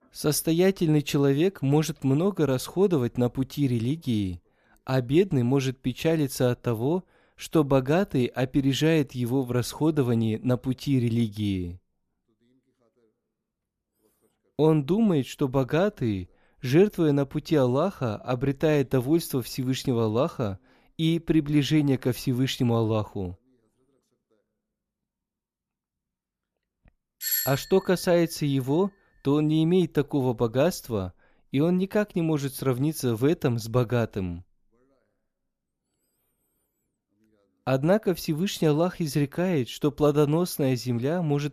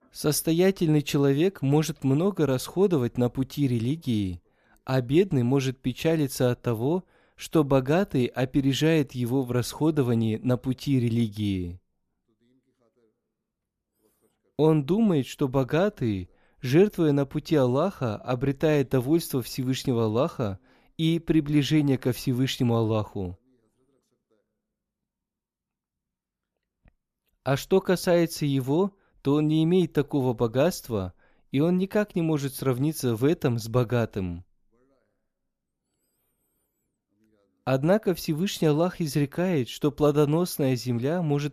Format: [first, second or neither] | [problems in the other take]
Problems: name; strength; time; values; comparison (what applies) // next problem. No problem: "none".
second | doorbell; noticeable; at 27 s; peak 1 dB below the speech